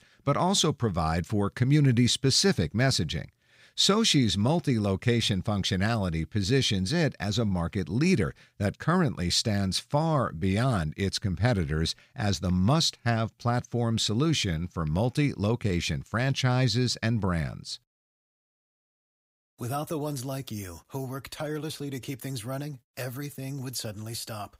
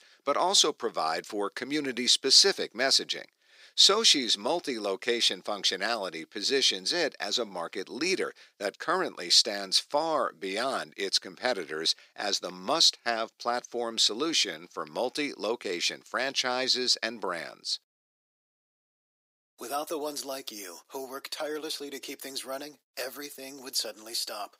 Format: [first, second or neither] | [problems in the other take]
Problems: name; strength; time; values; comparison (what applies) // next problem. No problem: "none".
first | thin; very; fading below 350 Hz